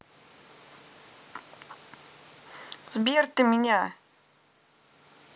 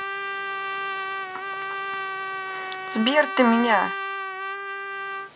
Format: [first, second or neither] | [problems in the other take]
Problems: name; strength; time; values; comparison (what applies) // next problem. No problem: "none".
first | background sound (Trumpet); 3 dB below the speech